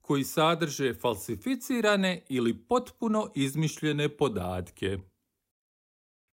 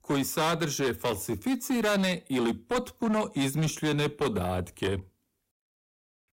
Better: first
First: none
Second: distortion; heavy; 15% of the sound clipped

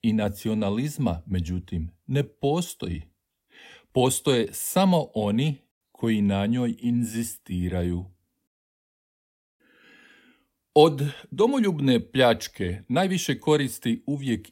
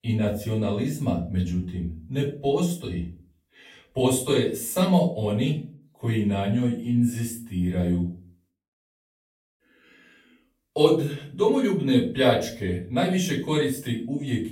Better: first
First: none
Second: off-mic speech; far // room echo; slight; dies away in 0.3 s

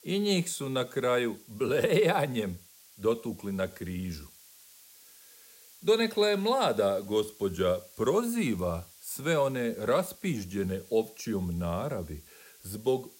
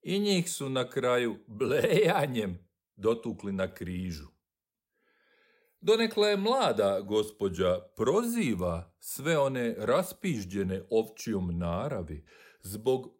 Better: second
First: hiss; faint; throughout; 25 dB below the speech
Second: none

